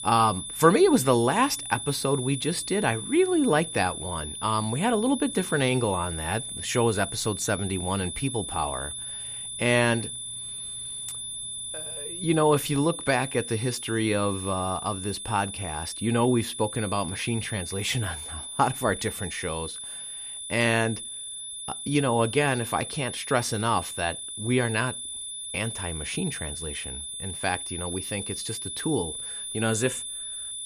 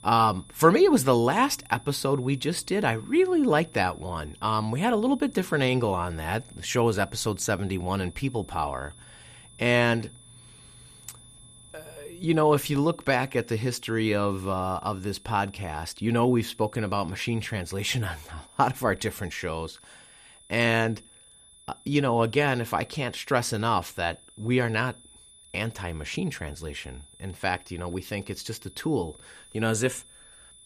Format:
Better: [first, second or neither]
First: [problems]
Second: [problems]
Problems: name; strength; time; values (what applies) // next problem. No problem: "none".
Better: second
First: high-pitched whine; loud; throughout; 10 kHz, 7 dB below the speech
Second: high-pitched whine; faint; throughout; 10 kHz, 25 dB below the speech